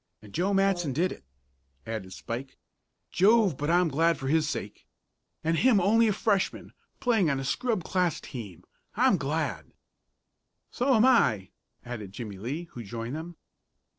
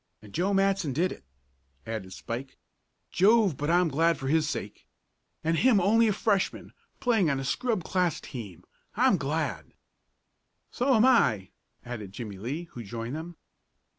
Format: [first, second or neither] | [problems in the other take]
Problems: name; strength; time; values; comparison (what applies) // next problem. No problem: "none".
second | noise reduction (neural separator model SepFormer DNS4)